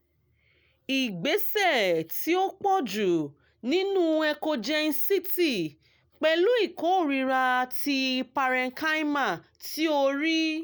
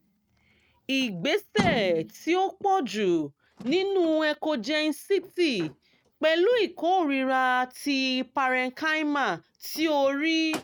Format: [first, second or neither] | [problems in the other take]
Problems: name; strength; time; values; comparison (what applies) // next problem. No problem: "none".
first | noise reduction (neural mask model RNNoise)